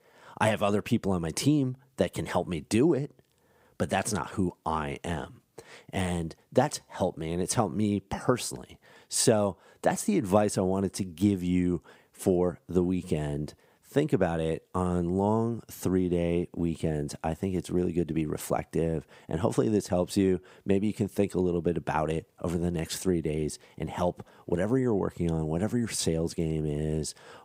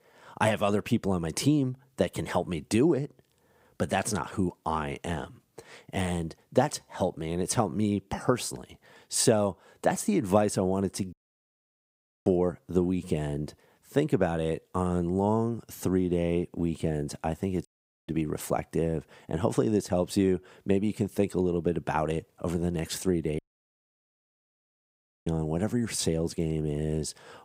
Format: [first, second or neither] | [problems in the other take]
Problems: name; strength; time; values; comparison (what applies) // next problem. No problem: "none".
first | audio cutting out; at 11 s for 1 s, at 18 s and at 23 s for 2 s